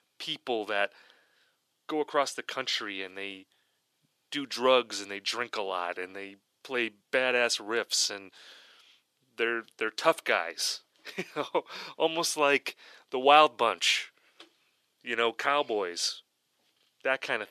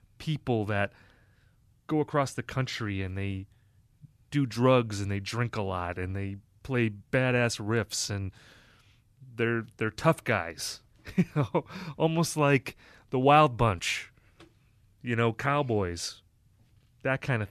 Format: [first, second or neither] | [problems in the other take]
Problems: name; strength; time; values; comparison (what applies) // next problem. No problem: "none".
second | thin; very; fading below 400 Hz